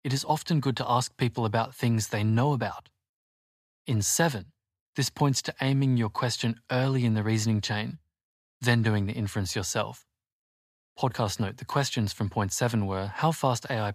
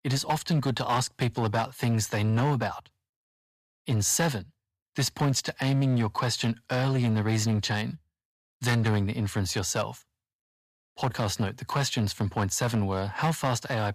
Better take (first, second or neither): first